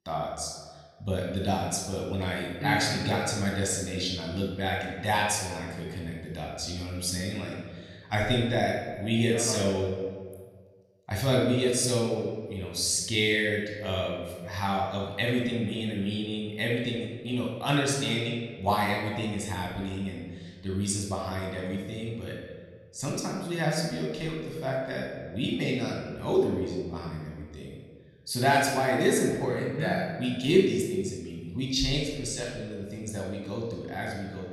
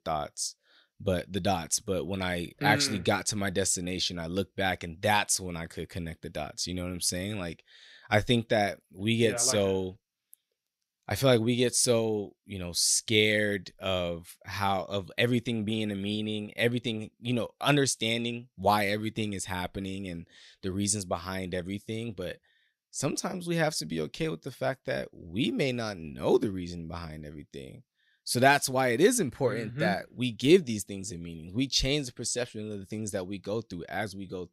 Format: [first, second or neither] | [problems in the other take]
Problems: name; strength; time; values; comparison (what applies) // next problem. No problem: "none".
second | off-mic speech; somewhat distant // room echo; noticeable; dies away in 1.3 s